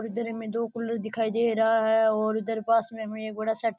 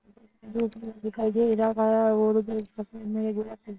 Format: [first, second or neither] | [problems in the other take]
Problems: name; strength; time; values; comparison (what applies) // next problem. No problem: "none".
first | noise reduction (neural separator model SepFormer WHAMR!)